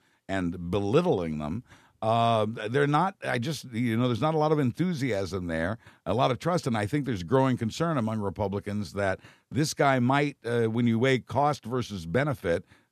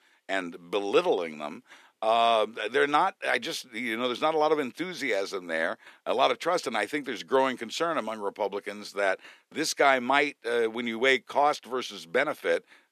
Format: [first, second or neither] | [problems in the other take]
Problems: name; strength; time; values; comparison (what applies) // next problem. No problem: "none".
first | thin; somewhat; fading below 350 Hz